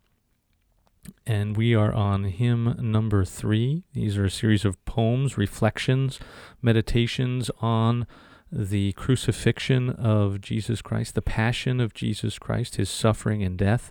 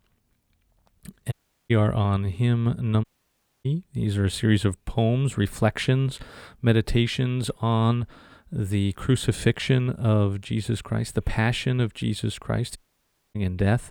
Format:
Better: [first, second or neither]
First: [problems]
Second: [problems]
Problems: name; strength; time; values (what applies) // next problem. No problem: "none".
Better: first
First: none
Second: audio cutting out; at 1.5 s, at 3 s for 0.5 s and at 13 s for 0.5 s